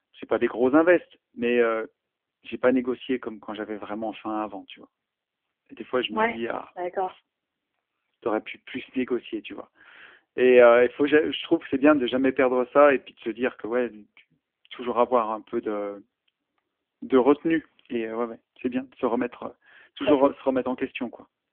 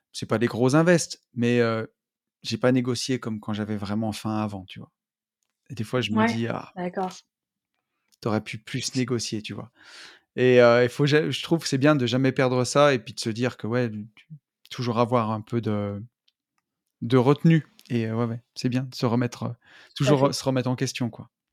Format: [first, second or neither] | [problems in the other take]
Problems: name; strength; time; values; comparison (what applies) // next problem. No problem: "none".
second | phone-call audio; poor line; nothing above 3.5 kHz